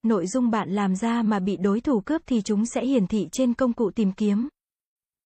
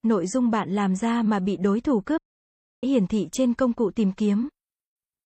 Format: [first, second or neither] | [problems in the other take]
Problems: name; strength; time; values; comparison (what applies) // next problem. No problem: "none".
first | audio cutting out; at 2 s for 0.5 s